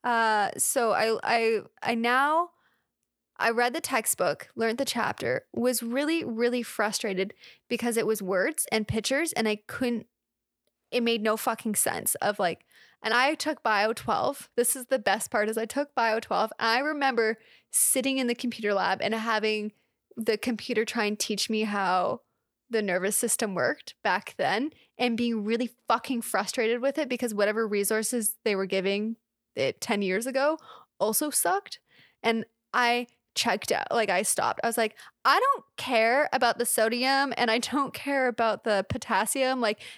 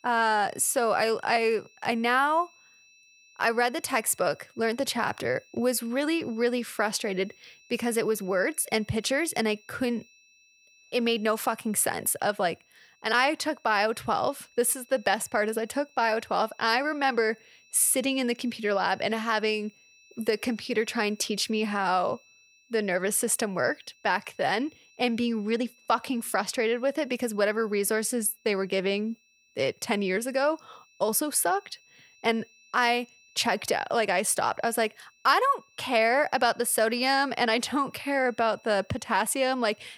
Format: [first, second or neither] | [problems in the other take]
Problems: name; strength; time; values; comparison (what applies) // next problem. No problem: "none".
first | high-pitched whine; faint; throughout; 2.5 kHz, 30 dB below the speech